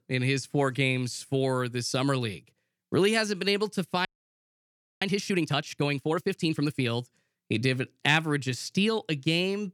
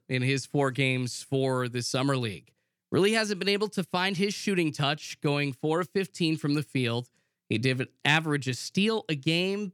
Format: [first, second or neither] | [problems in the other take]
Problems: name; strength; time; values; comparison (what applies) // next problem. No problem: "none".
second | audio freezing; at 4 s for 1 s